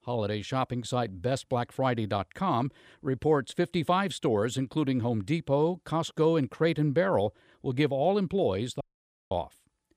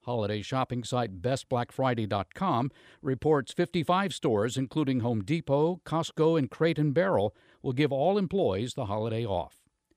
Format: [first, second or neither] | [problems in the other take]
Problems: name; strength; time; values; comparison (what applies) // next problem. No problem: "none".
second | audio cutting out; at 9 s for 0.5 s